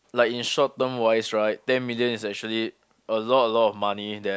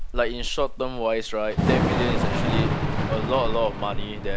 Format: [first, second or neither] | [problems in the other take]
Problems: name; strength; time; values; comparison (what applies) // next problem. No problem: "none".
first | background sound (Thunder / Rain); 3 dB above the speech